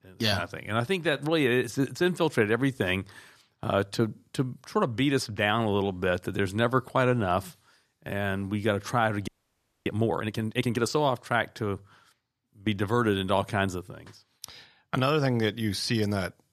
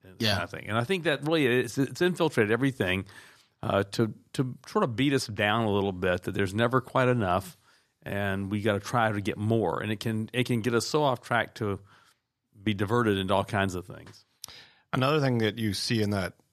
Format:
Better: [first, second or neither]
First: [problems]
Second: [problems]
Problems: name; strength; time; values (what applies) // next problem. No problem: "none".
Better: second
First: audio freezing; at 9.5 s for 0.5 s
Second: none